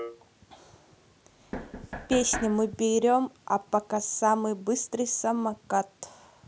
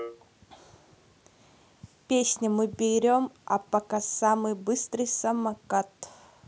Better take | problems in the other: second | background sound (Knock); 9 dB below the speech

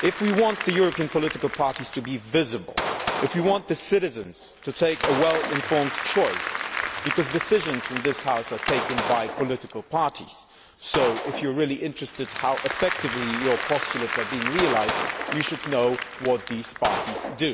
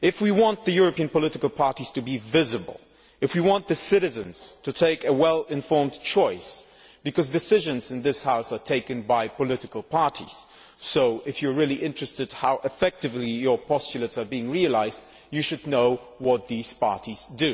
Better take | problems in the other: second | background sound (Applause + Gunshot, gunfire); 5 dB below the speech

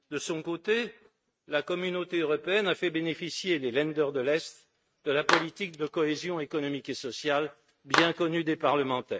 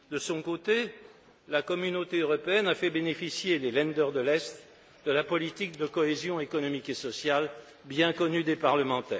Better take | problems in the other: second | noise reduction (neural mask model RNNoise)

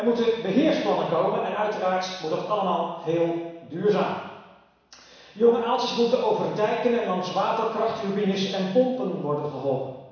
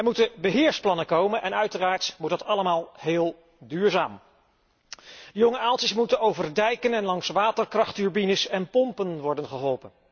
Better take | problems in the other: second | room echo; dies away in 1.1 s

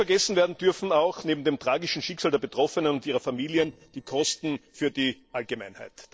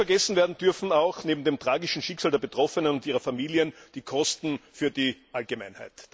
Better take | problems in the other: second | noise reduction (neural separator model SepFormer DNS4)

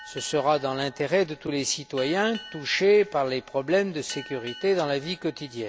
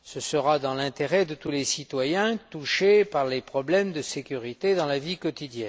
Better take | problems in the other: second | background sound (Boat, Water vehicle); 19 dB below the speech

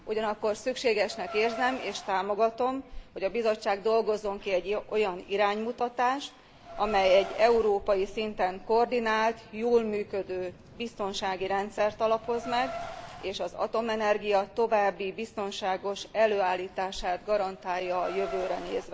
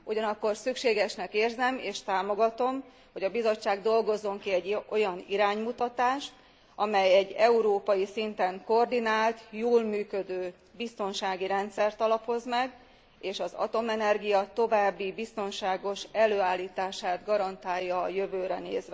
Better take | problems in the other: second | background sound (Thunder + Car); 16 dB below the speech

